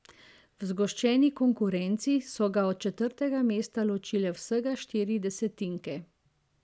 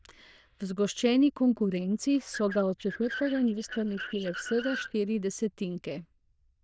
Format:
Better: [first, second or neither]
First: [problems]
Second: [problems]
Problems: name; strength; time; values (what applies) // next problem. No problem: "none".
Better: first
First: none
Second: noise reduction (neural diffusion model UNIVERSE++)